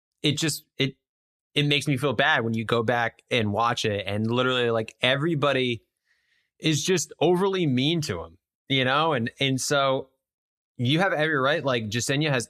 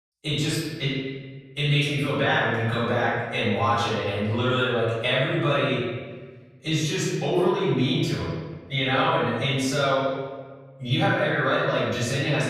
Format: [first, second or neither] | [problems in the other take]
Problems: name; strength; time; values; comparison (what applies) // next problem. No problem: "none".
first | off-mic speech; far // room echo; strong; dies away in 1.4 s